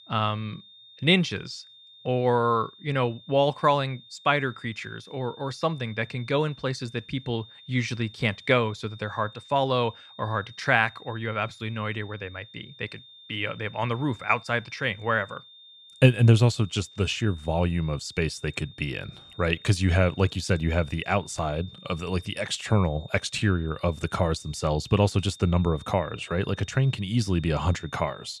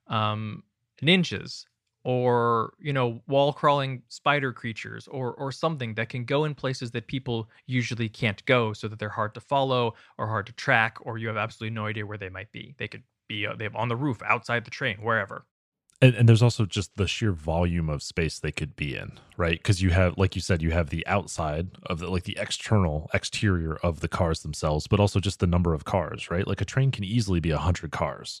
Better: second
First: high-pitched whine; faint; throughout; 3.5 kHz, 20 dB below the speech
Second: none

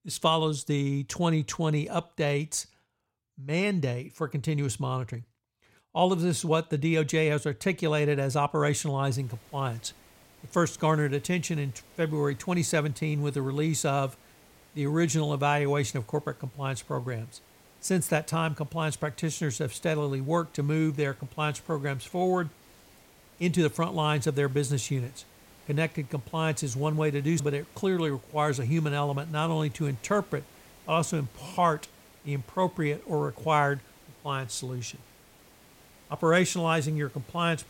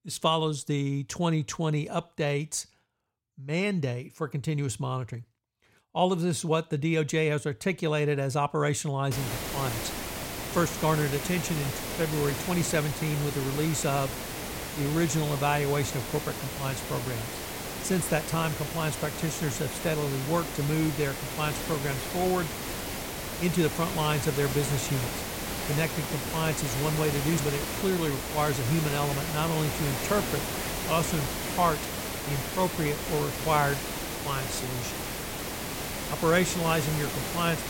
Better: first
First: hiss; faint; from 9 s on; 25 dB below the speech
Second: hiss; loud; from 9 s on; 4 dB below the speech

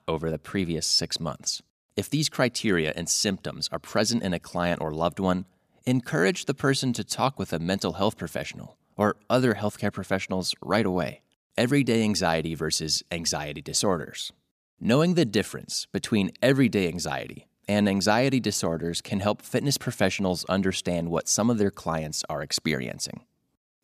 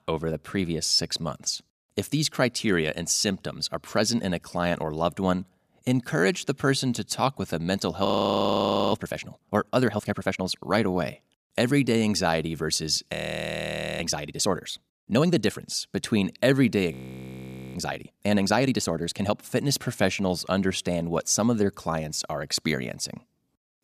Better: first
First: none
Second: audio freezing; at 8 s for 1 s, at 13 s for 1 s and at 17 s for 1 s

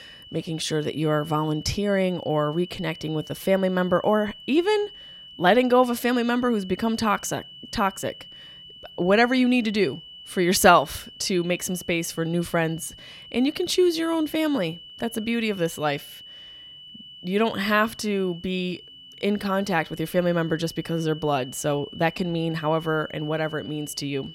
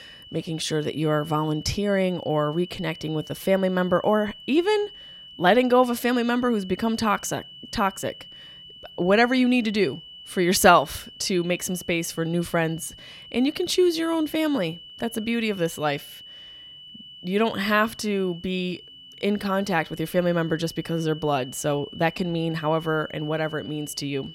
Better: neither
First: high-pitched whine; noticeable; throughout; 3 kHz, 15 dB below the speech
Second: high-pitched whine; noticeable; throughout; 3 kHz, 15 dB below the speech

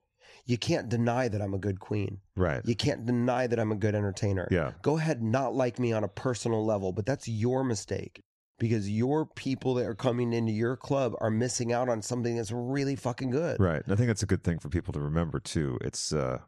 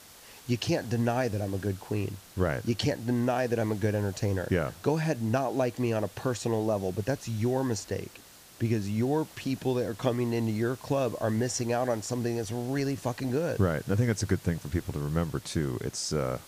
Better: first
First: none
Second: hiss; noticeable; throughout; 20 dB below the speech

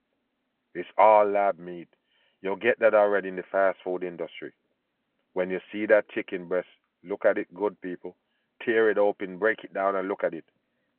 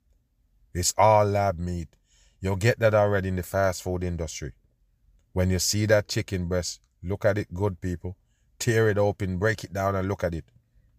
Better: second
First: phone-call audio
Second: none

